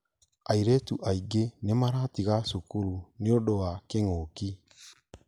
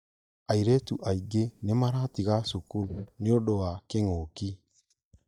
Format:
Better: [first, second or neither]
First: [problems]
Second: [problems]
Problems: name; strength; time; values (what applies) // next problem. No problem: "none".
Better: first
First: none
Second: noise reduction (neural mask model DeepFilterNet 3)